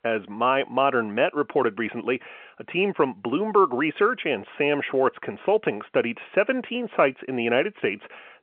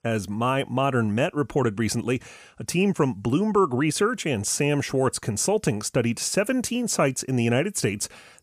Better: second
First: phone-call audio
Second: none

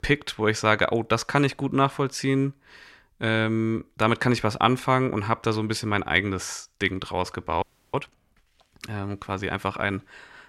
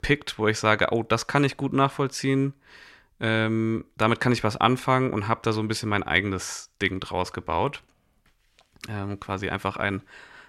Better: second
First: audio freezing; at 7.5 s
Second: none

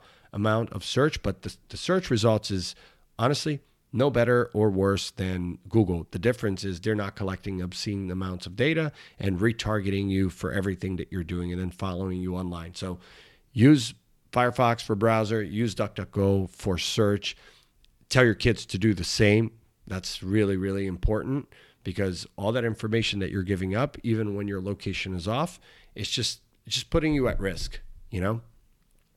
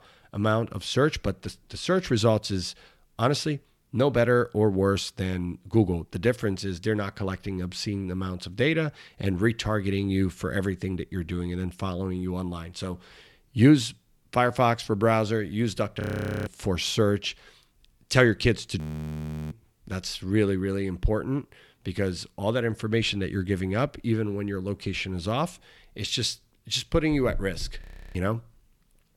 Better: first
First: none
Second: audio freezing; at 16 s, at 19 s for 0.5 s and at 28 s

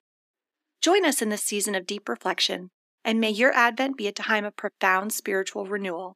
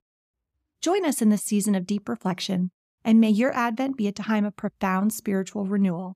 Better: second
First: thin; somewhat; fading below 300 Hz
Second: none

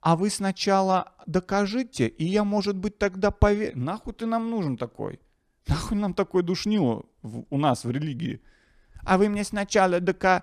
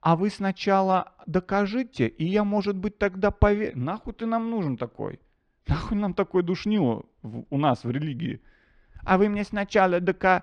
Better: first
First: none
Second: muffled; slightly; fading above 3 kHz

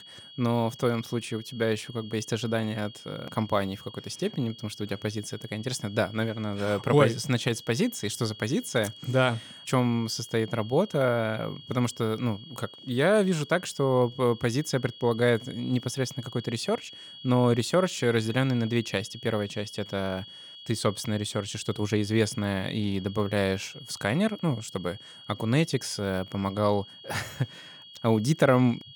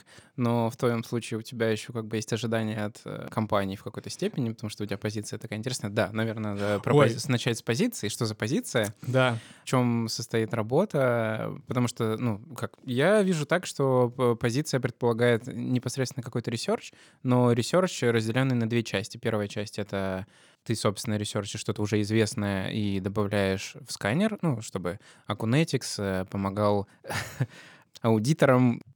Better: second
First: high-pitched whine; noticeable; throughout; 3.5 kHz, 15 dB below the speech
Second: none

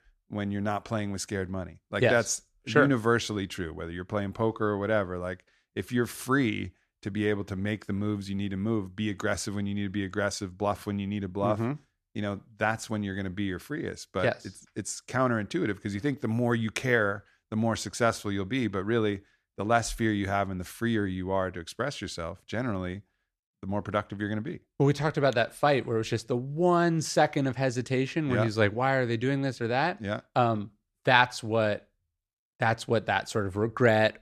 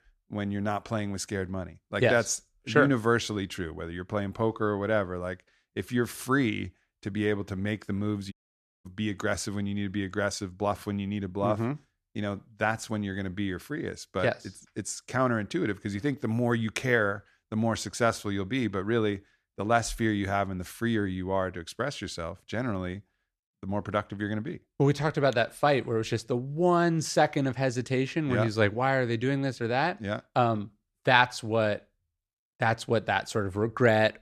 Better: first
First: none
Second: audio cutting out; at 8.5 s for 0.5 s

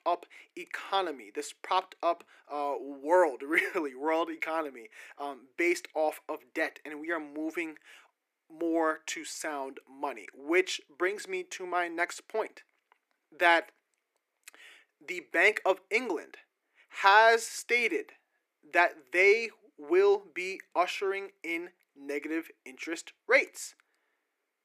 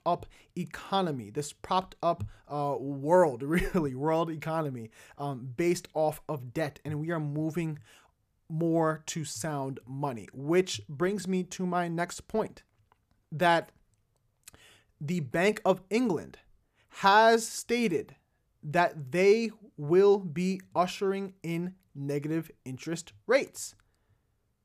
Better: second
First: thin; very; fading below 300 Hz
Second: none

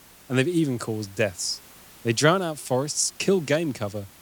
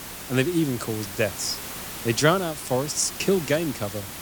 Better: first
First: hiss; faint; throughout; 25 dB below the speech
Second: hiss; loud; throughout; 9 dB below the speech

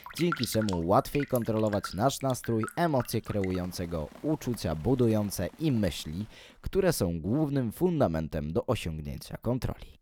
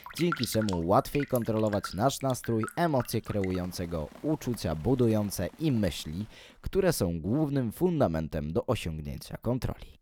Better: neither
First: rain or running water; noticeable; until 6.5 s; 15 dB below the speech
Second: rain or running water; noticeable; until 6.5 s; 15 dB below the speech

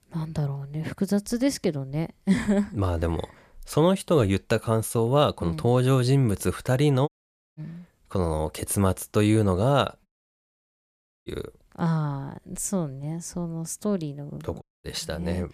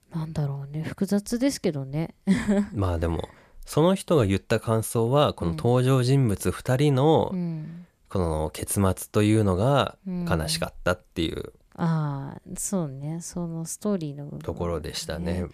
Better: second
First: audio cutting out; at 7 s, at 10 s for 1 s and at 15 s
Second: none

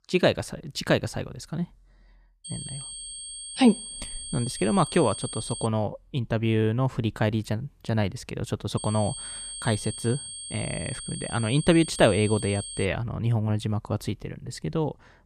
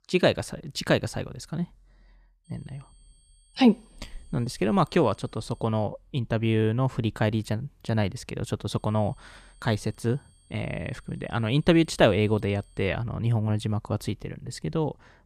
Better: second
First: high-pitched whine; loud; from 2.5 to 5.5 s and from 9 to 13 s; 8.5 kHz, 9 dB below the speech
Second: high-pitched whine; faint; from 2.5 to 5.5 s and from 9 to 13 s; 8.5 kHz, 35 dB below the speech

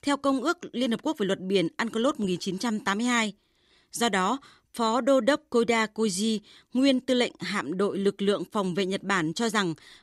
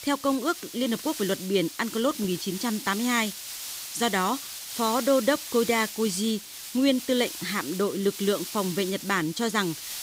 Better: first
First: none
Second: hiss; loud; throughout; 9 dB below the speech

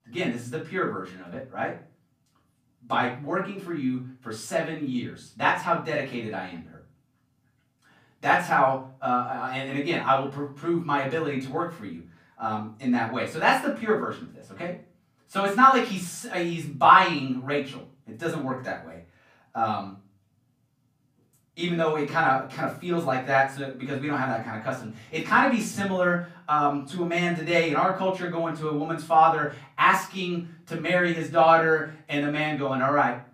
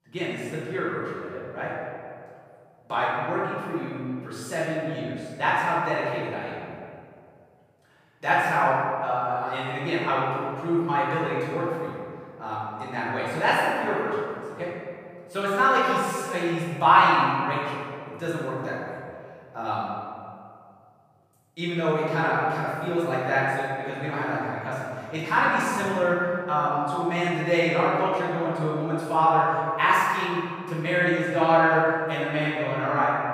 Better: first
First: room echo; slight; dies away in 0.4 s // off-mic speech; far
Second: room echo; strong; dies away in 2 s // off-mic speech; far

